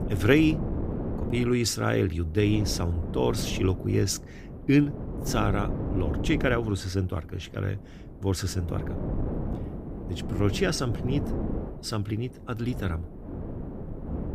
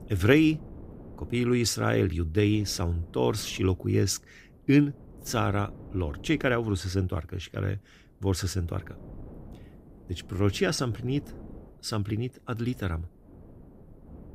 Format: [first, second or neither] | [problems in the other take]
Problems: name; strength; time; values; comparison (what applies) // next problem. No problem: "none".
second | wind noise on the microphone; heavy; 9 dB below the speech; occasional gusts in the second